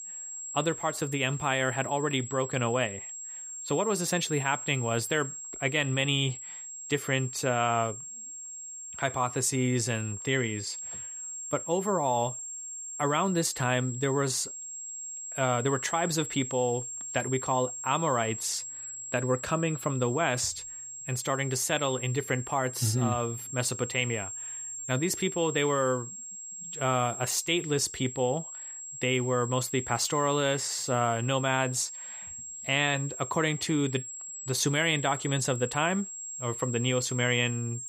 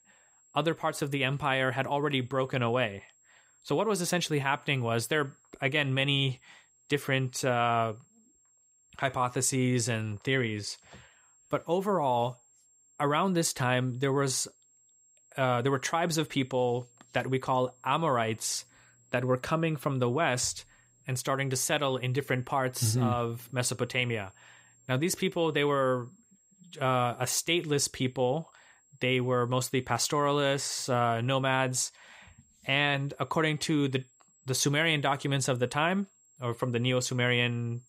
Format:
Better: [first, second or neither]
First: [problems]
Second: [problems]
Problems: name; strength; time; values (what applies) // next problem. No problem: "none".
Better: second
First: high-pitched whine; loud; throughout; 7.5 kHz, 8 dB below the speech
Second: high-pitched whine; faint; throughout; 7.5 kHz, 35 dB below the speech